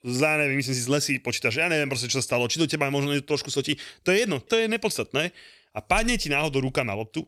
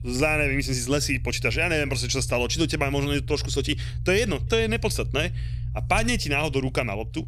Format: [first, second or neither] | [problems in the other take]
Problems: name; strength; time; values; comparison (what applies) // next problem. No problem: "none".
first | low rumble; faint; throughout; 20 dB below the speech